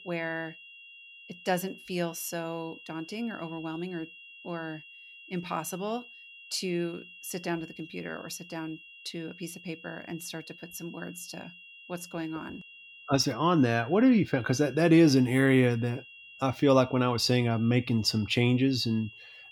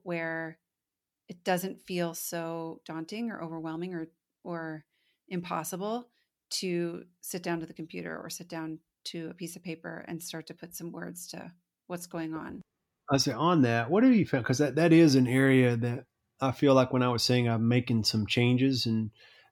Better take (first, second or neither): second